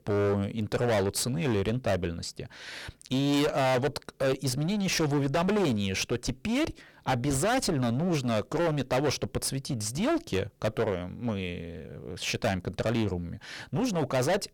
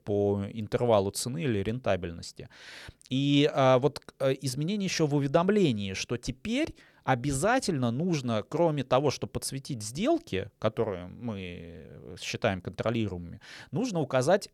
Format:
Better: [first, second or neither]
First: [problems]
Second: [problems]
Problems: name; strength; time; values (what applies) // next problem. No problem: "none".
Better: second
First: distortion; heavy; 20% of the sound clipped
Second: none